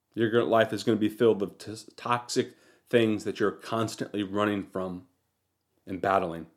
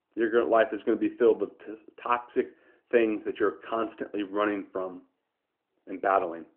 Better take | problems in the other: first | phone-call audio

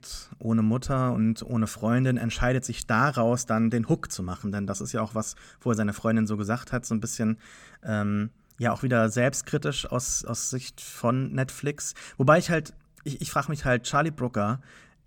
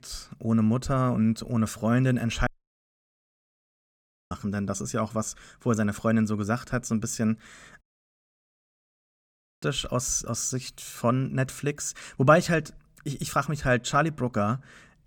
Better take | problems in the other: first | audio cutting out; at 2.5 s for 2 s and at 8 s for 2 s

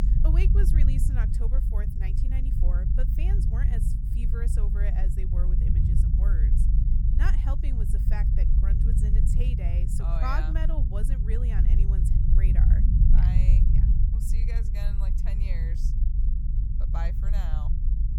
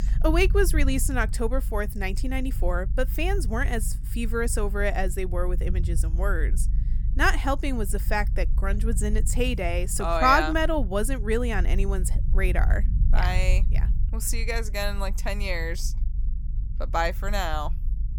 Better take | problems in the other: second | low rumble; loud; throughout; 1 dB below the speech; faint in the second

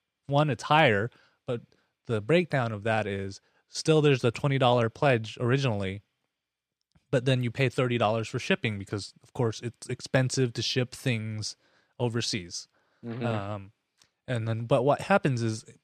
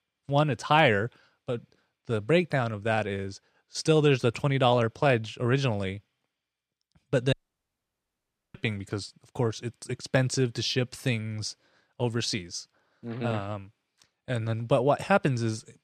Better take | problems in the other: first | audio cutting out; at 7.5 s for 1 s

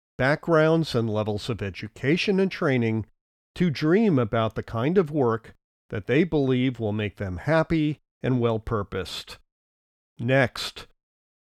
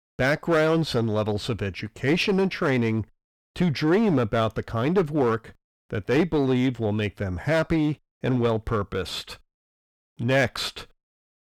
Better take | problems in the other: first | distortion; slight; 6% of the sound clipped

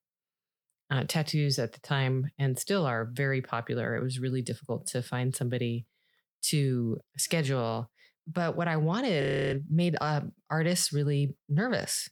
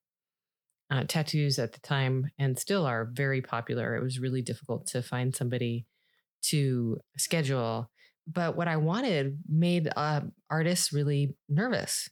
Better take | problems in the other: second | audio freezing; at 9 s

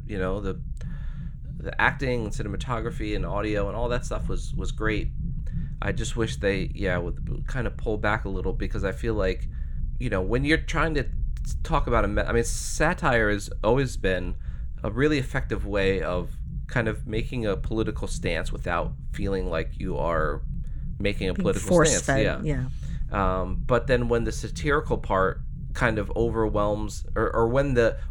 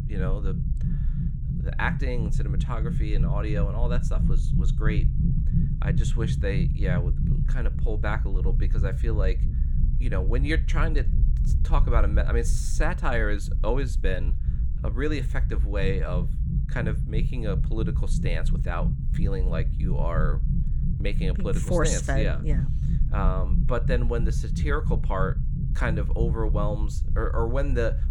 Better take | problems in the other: first | low rumble; loud; throughout; 9 dB below the speech; faint in the first

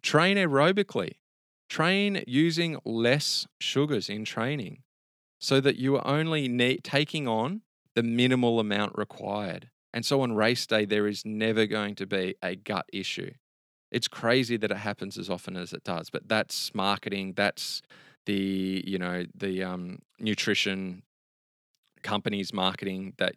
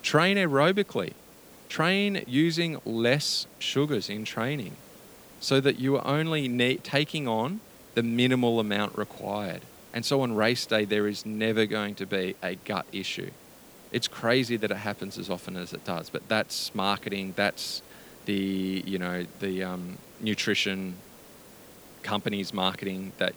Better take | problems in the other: first | hiss; faint; throughout; 20 dB below the speech

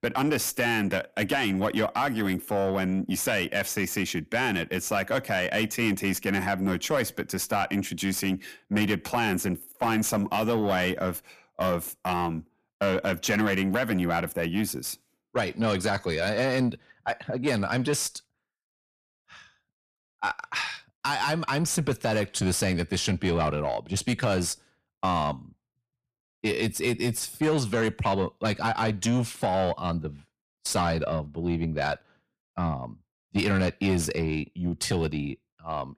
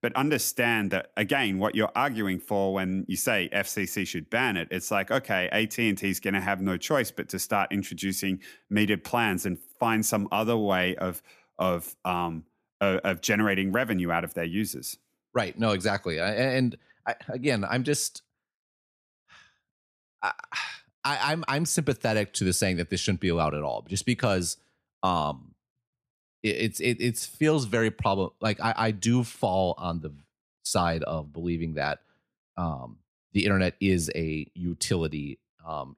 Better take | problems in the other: second | distortion; slight; 10 dB below the speech

